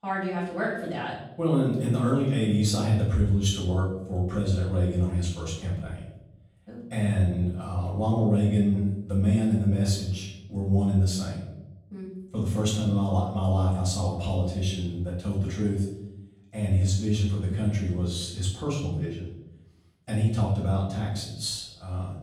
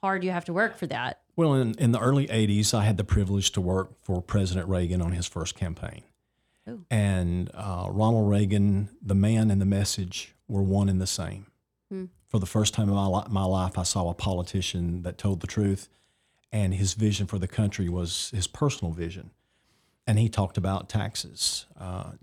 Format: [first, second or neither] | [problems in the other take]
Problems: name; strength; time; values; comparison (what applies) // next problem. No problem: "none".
second | room echo; noticeable; dies away in 0.9 s // off-mic speech; far